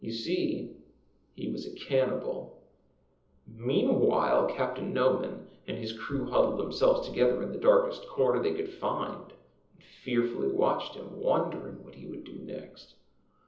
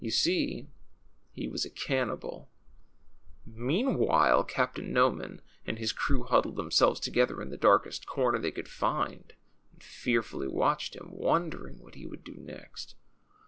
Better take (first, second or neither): second